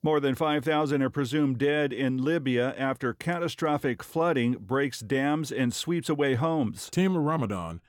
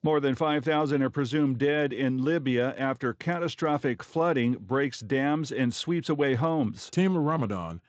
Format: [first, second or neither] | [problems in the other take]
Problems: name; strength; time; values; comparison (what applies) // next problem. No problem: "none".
first | garbled, watery; slightly; nothing above 8 kHz